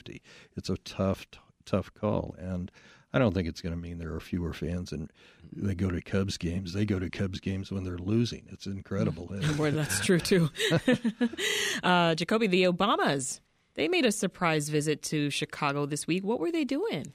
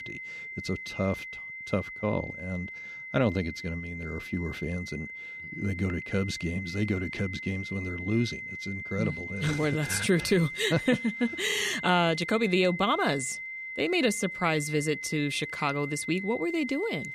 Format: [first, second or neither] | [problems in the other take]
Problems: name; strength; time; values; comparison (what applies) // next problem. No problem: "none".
first | high-pitched whine; loud; throughout; 2 kHz, 8 dB below the speech